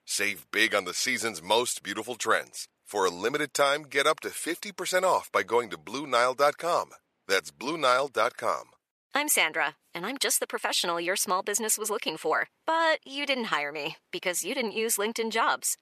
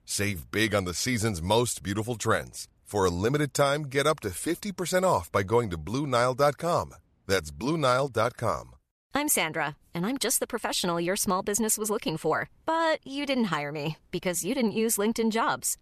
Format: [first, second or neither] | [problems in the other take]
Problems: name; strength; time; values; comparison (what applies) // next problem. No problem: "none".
second | thin; somewhat; fading below 350 Hz